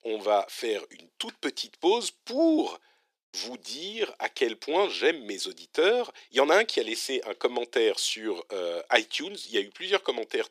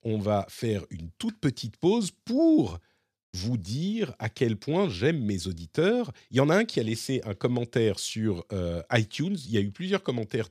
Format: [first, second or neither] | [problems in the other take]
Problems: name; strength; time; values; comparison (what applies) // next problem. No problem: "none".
second | thin; very; fading below 350 Hz